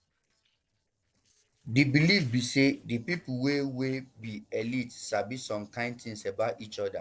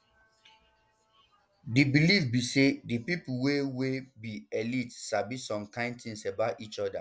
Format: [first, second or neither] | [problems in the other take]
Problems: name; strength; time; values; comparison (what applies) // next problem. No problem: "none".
second | noise reduction (neural separator model SepFormer DNS4)